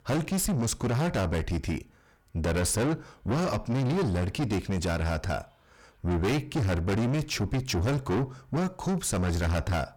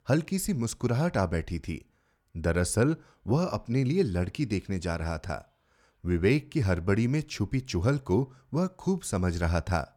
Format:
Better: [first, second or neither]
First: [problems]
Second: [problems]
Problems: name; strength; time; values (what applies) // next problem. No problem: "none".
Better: second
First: distortion; heavy; 5 dB below the speech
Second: none